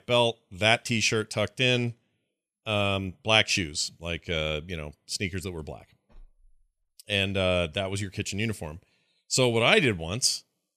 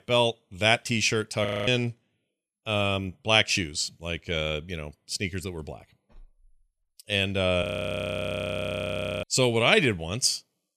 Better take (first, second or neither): first